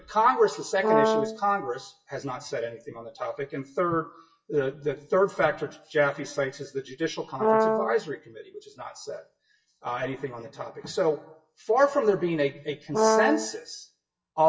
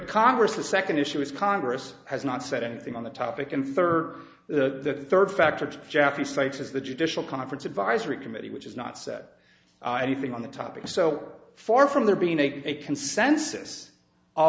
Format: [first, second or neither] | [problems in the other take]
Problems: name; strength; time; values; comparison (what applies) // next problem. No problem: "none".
second | noise reduction (classical method WPE with log-MMSE)